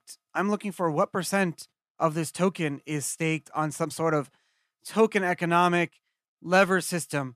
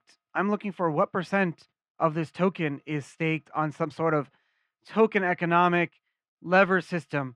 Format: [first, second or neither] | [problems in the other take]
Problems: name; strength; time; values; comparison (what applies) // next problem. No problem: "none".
first | muffled; slightly; fading above 2.5 kHz